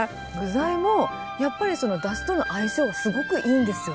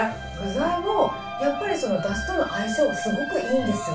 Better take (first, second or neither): first